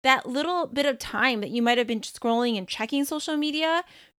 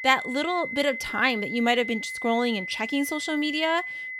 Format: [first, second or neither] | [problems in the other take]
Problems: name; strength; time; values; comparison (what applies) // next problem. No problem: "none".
first | high-pitched whine; loud; throughout; 2 kHz, 6 dB below the speech